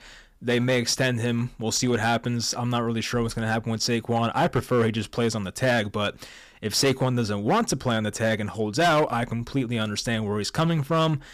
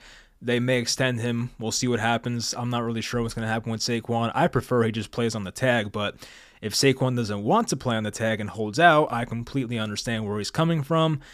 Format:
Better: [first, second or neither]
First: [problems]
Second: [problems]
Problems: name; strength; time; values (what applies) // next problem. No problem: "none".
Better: second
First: distortion; slight; 6% of the sound clipped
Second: none